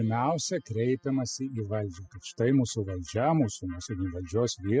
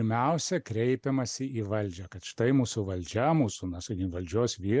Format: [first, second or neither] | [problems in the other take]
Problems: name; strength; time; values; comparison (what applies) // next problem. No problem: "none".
second | noise reduction (classical method spectral subtraction)